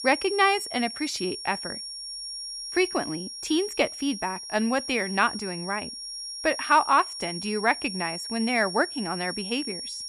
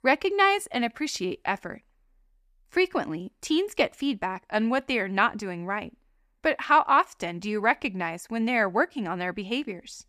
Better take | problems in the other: second | high-pitched whine; loud; throughout; 5.5 kHz, 7 dB below the speech

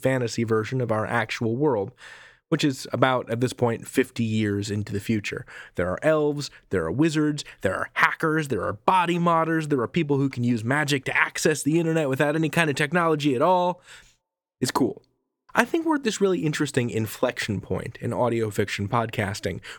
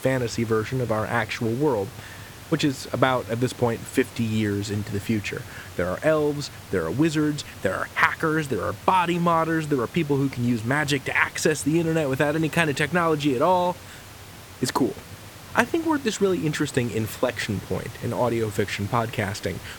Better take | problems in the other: first | hiss; noticeable; throughout; 15 dB below the speech

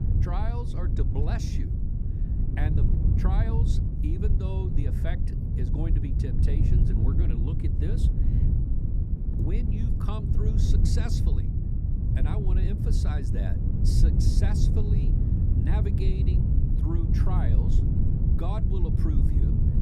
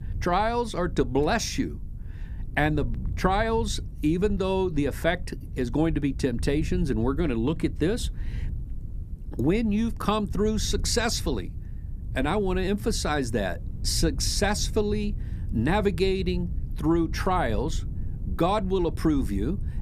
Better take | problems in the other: second | wind noise on the microphone; heavy; 1 dB above the speech; occasional gusts in the second

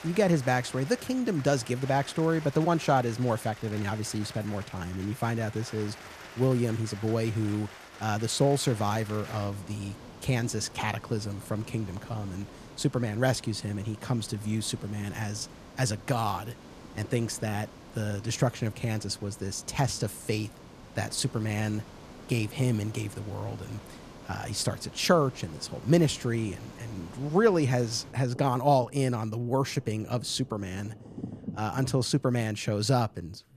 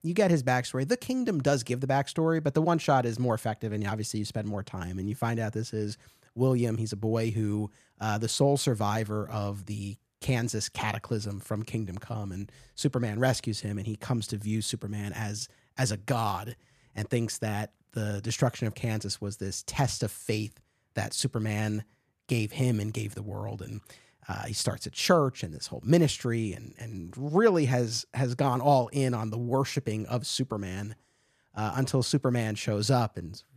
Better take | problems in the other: second | rain or running water; noticeable; throughout; 15 dB below the speech

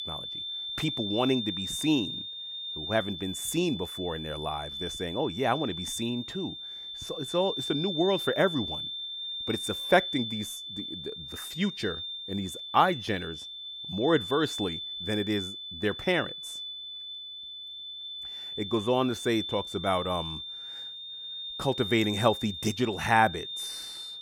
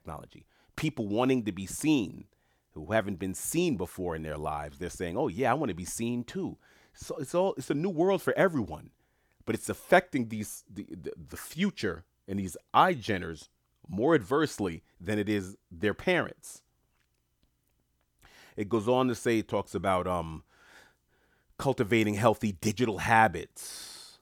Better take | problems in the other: second | high-pitched whine; loud; throughout; 3.5 kHz, 6 dB below the speech

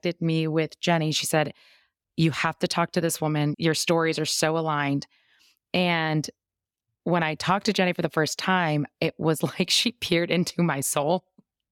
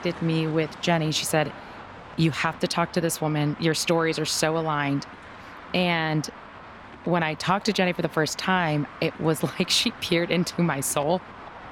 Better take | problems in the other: first | traffic noise; noticeable; throughout; 15 dB below the speech

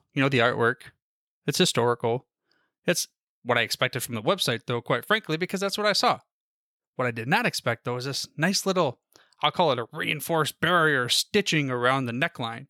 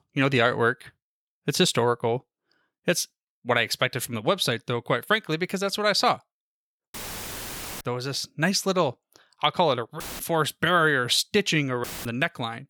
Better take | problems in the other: first | audio cutting out; filled with static; at 7 s for 1 s, at 10 s and at 12 s

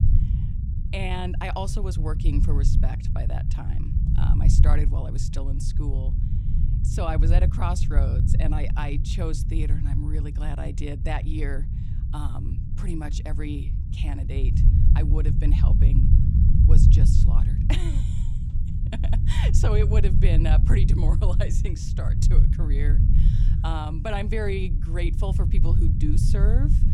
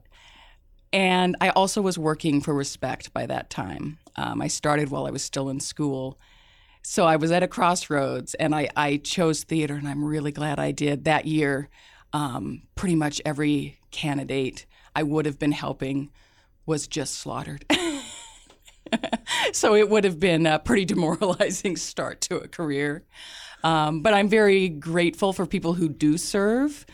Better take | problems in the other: second | low rumble; loud; throughout; 4 dB below the speech

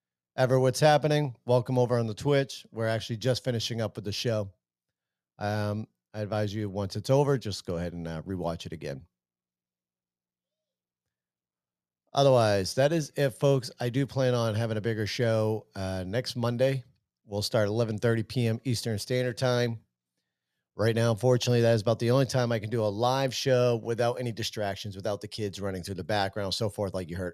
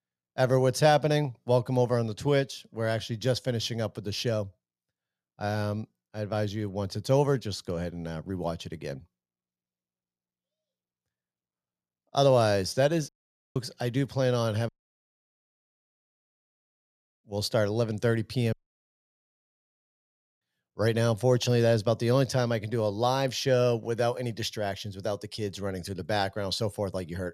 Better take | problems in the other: first | audio cutting out; at 13 s, at 15 s for 2.5 s and at 19 s for 2 s

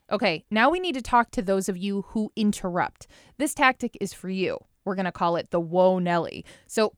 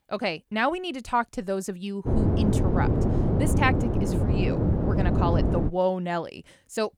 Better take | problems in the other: first | wind noise on the microphone; heavy; from 2 to 5.5 s; 3 dB below the speech

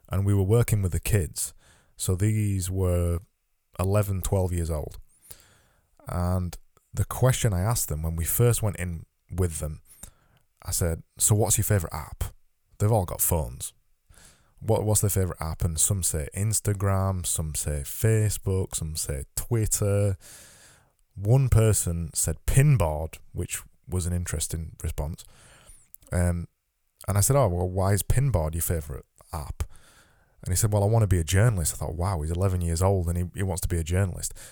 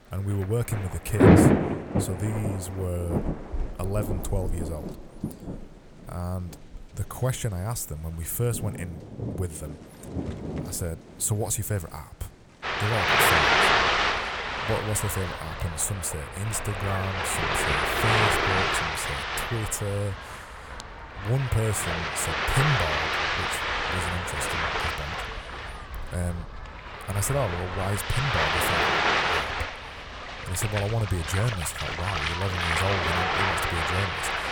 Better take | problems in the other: first | rain or running water; very loud; throughout; 5 dB above the speech

